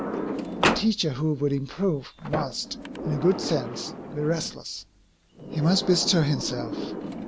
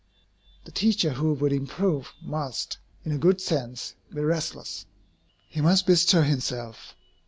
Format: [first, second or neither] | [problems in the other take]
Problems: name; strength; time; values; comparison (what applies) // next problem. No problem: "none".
second | background sound (Sliding door); 5 dB below the speech